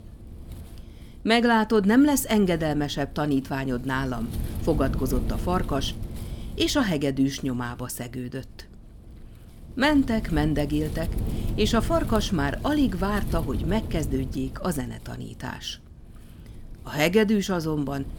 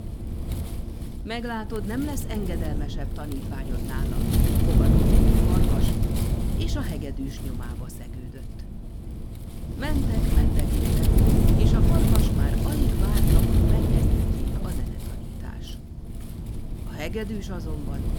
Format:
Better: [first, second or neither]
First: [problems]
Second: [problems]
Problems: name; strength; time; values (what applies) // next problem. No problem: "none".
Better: first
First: wind noise on the microphone; occasional gusts; 15 dB below the speech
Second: wind noise on the microphone; heavy; 4 dB above the speech